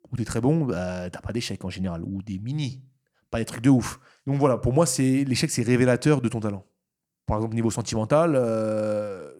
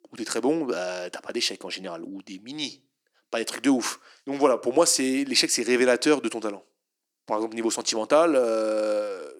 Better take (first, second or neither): first